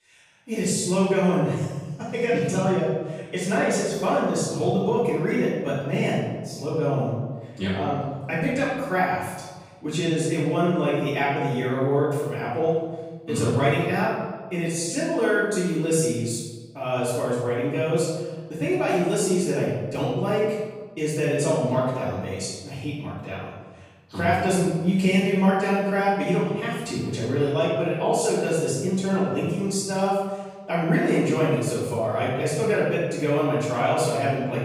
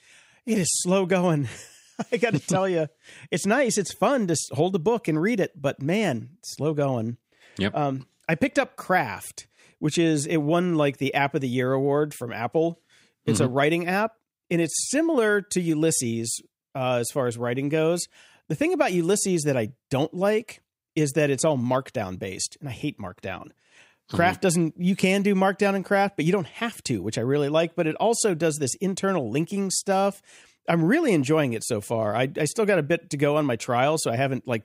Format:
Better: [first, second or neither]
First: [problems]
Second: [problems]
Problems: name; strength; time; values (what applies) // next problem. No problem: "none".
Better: second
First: room echo; strong; dies away in 1.2 s // off-mic speech; far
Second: none